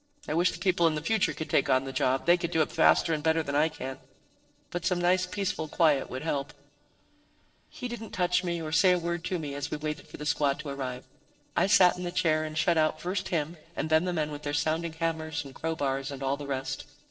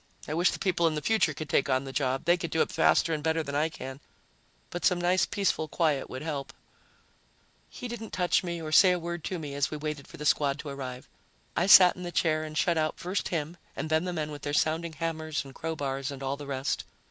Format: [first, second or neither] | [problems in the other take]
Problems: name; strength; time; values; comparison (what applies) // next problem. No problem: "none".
second | noise reduction (neural separator model SepFormer DNS4)